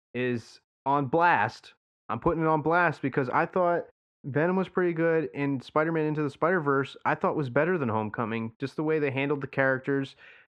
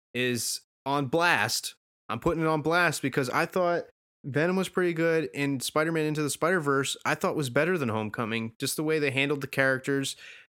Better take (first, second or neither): second